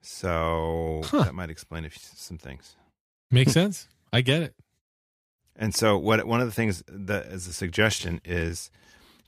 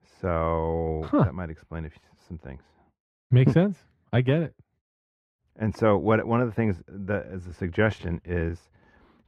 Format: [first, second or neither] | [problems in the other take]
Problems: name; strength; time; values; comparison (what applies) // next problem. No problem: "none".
first | muffled; very; fading above 3 kHz